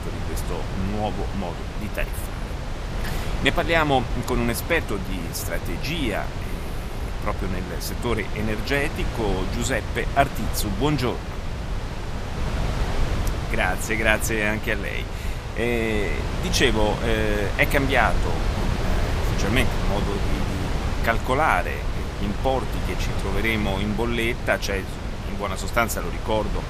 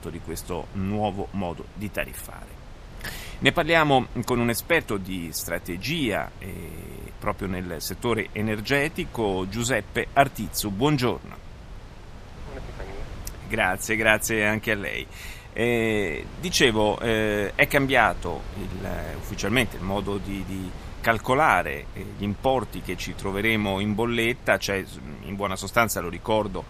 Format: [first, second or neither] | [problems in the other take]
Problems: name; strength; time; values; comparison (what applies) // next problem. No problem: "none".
second | wind noise on the microphone; heavy; 8 dB below the speech; occasional gusts in the second